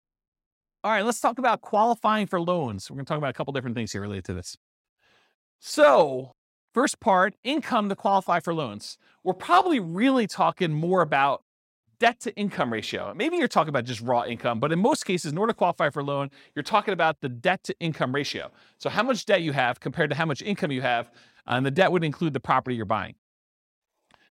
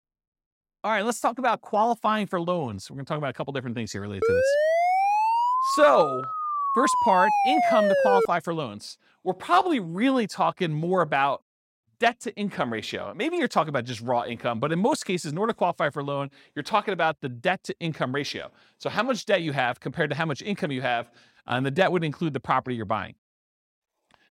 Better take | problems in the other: first | siren; loud; from 4 to 8.5 s; peak 5 dB above the speech

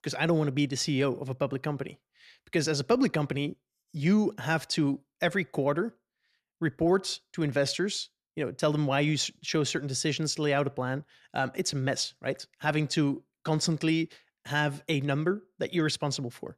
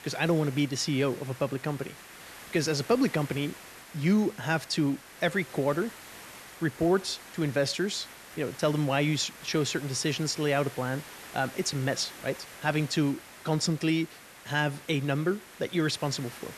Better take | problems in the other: first | hiss; noticeable; throughout; 15 dB below the speech

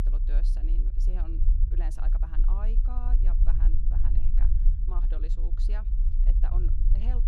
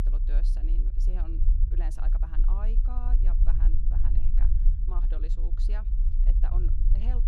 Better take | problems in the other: neither | low rumble; loud; throughout; 3 dB below the speech; the same in both

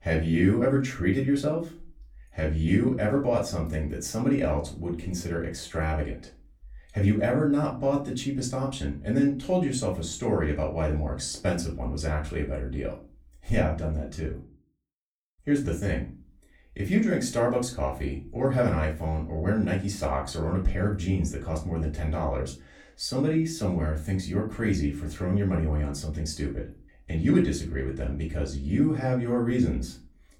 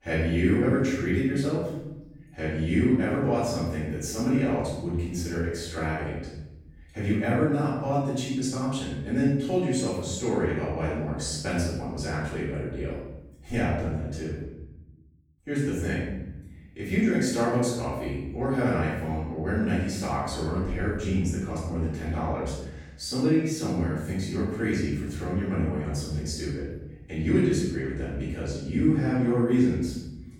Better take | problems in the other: first | room echo; strong; dies away in 1 s; slight in the first // off-mic speech; far; far in the first

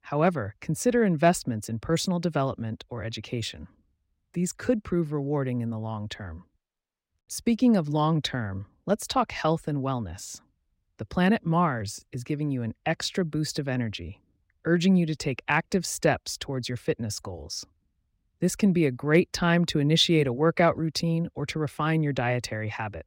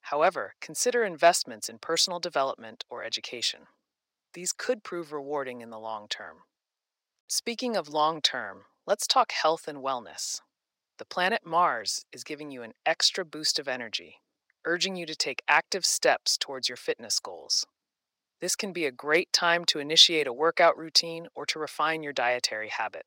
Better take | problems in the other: first | thin; very; fading below 650 Hz

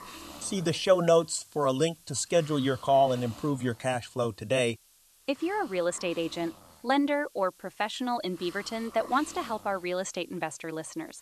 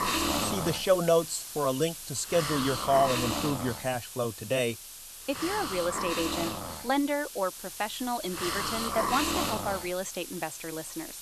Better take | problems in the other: first | hiss; loud; throughout; 3 dB below the speech; faint in the first

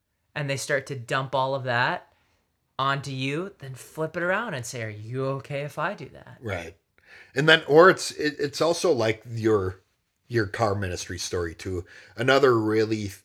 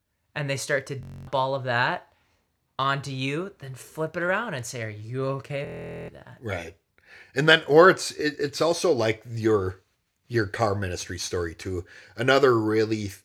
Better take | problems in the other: first | audio freezing; at 1 s and at 5.5 s

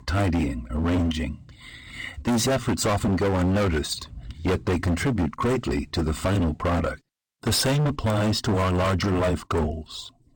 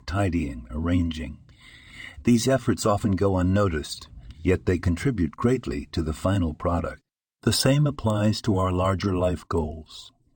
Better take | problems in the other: second | distortion; heavy; 23% of the sound clipped

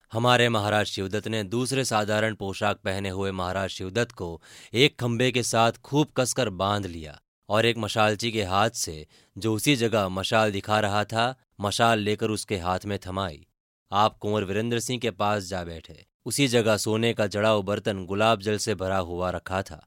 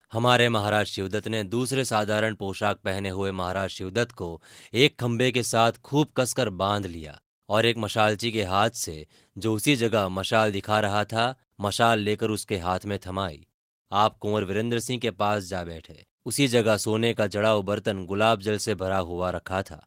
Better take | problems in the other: first | garbled, watery; slightly; nothing above 16 kHz

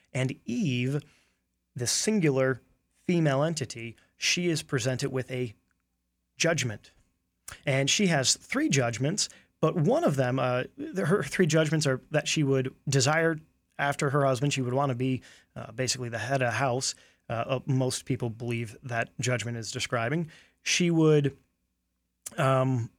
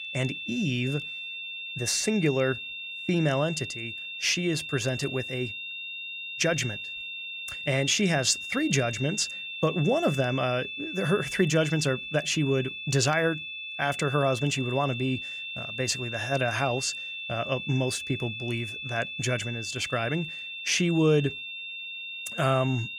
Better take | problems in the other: first | high-pitched whine; loud; throughout; 2.5 kHz, 7 dB below the speech

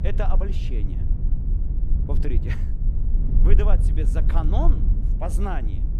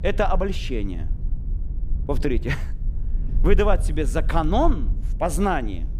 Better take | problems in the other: second | low rumble; loud; throughout; 8 dB below the speech; faint in the second

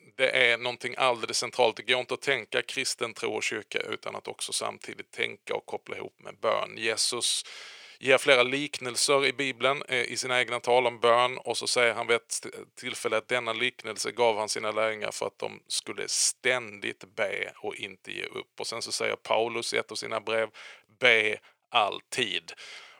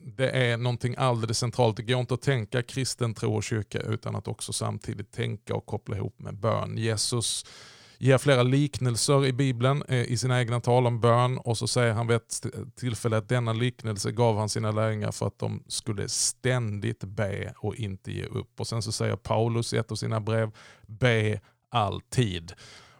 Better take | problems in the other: second | thin; very; fading below 500 Hz

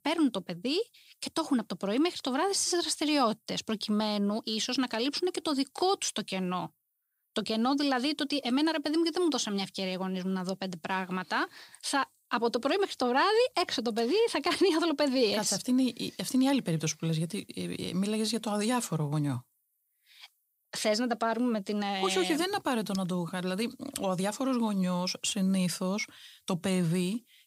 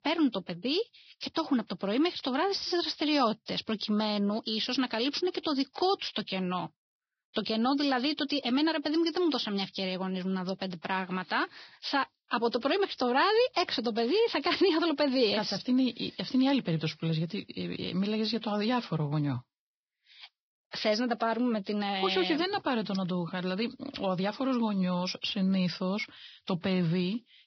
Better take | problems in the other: first | garbled, watery; badly; nothing above 5.5 kHz

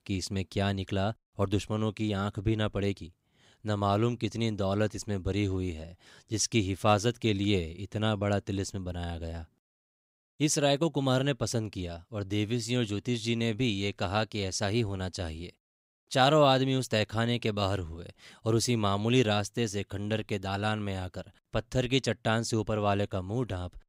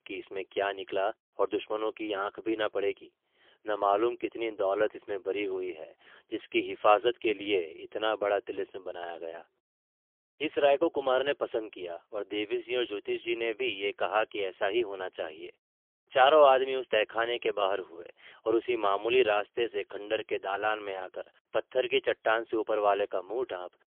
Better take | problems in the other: first | phone-call audio; poor line; nothing above 3.5 kHz

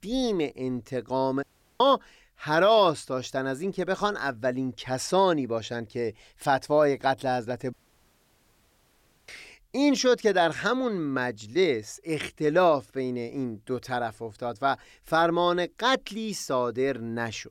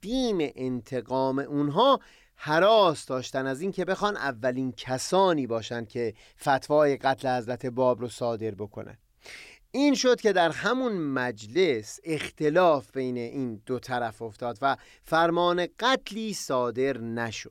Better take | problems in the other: second | audio cutting out; at 1.5 s and at 7.5 s for 1.5 s

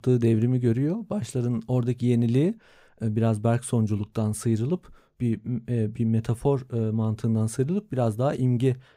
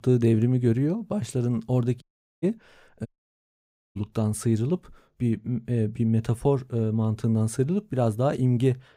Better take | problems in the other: first | audio cutting out; at 2 s and at 3 s for 1 s

